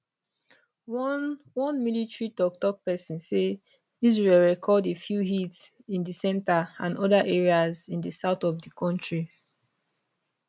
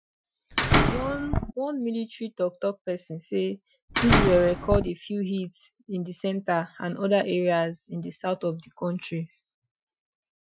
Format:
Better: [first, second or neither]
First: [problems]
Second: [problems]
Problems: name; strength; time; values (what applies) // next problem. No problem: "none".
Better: first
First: none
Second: noise reduction (classical method Wiener filter)